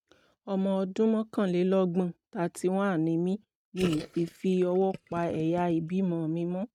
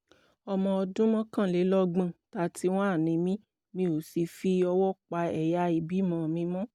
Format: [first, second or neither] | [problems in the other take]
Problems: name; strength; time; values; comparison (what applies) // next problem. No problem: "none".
second | noise reduction (neural mask model RNNoise)